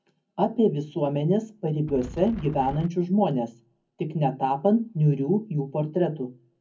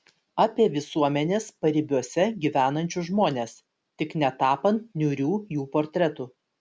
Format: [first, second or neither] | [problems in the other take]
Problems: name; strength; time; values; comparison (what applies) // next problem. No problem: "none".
second | background sound (Wind); 14 dB below the speech // room echo; dies away in 0.3 s